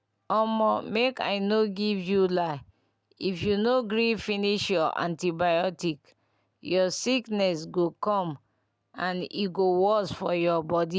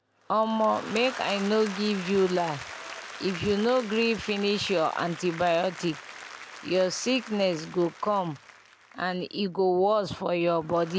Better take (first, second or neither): first